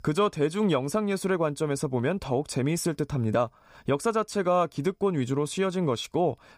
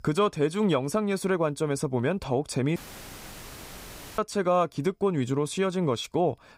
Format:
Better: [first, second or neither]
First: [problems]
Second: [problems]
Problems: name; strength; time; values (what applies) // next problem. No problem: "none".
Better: first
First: none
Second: audio cutting out; filled with static; at 3 s for 1.5 s